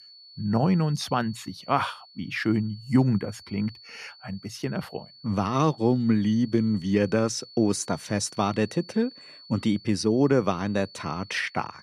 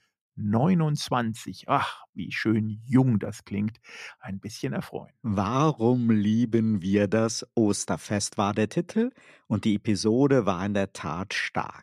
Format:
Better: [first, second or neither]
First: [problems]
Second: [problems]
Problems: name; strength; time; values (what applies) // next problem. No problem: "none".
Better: second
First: high-pitched whine; faint; throughout; 4.5 kHz, 20 dB below the speech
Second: none